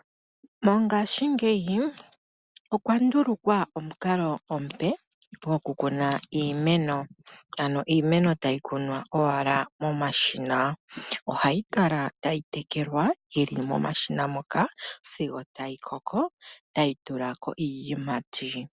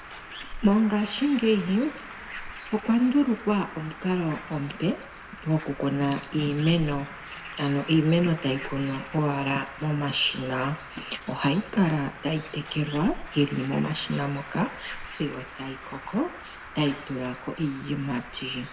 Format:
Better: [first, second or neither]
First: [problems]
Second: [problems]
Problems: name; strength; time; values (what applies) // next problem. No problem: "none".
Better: first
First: none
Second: background sound (Bird); 14 dB below the speech // room echo; dies away in 0.9 s